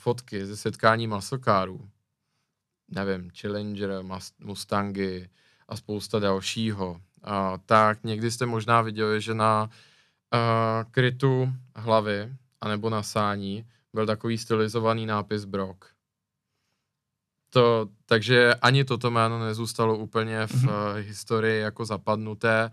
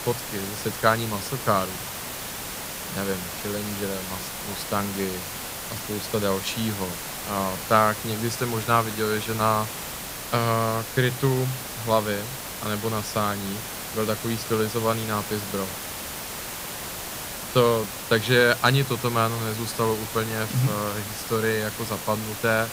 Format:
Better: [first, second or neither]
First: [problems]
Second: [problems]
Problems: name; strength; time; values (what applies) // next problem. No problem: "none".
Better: first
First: none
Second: hiss; loud; throughout; 6 dB below the speech